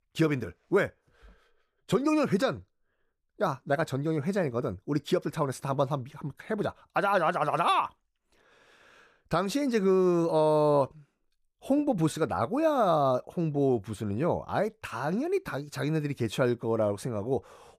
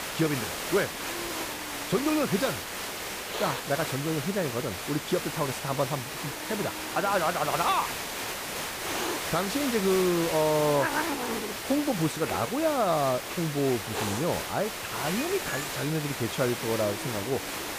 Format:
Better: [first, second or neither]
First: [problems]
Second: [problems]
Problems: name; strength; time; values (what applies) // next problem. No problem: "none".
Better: first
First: none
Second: hiss; loud; throughout; 3 dB below the speech